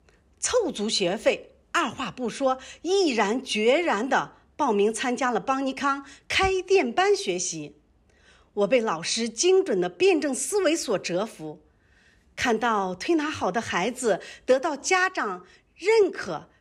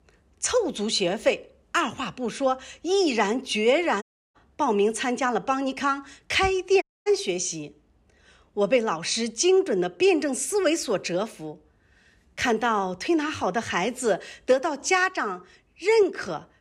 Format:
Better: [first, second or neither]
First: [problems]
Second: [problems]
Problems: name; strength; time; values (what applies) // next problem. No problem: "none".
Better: first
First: none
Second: audio cutting out; at 4 s and at 7 s